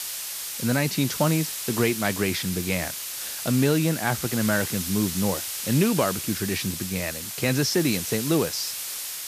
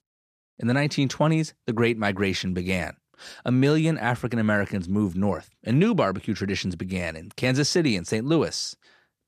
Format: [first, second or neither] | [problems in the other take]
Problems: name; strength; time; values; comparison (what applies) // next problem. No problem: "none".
second | hiss; loud; throughout; 4 dB below the speech